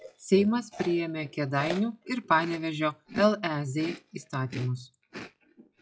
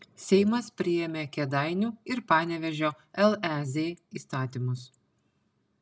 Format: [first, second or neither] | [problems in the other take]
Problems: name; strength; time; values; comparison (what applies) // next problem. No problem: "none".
second | noise reduction (classical method log-MMSE)